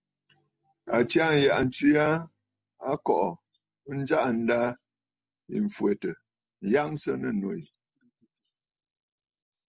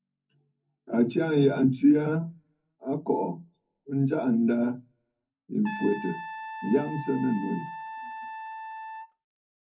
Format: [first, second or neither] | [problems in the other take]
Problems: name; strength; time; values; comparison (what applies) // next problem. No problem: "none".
first | background sound (Trumpet); 10 dB below the speech // room echo; dies away in 0.3 s